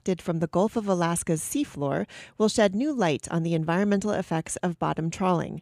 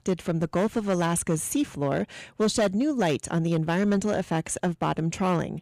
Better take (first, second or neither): first